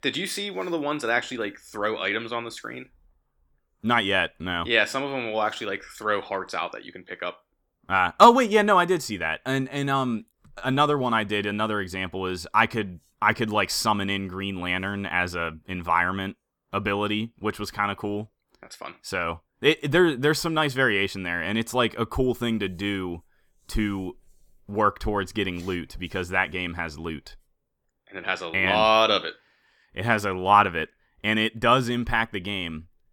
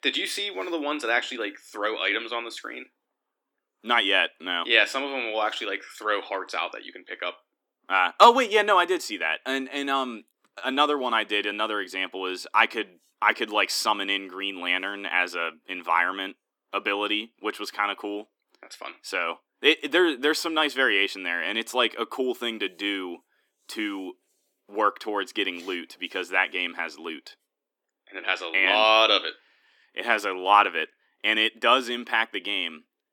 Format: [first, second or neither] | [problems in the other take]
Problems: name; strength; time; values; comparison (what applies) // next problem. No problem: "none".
first | thin; somewhat; fading below 300 Hz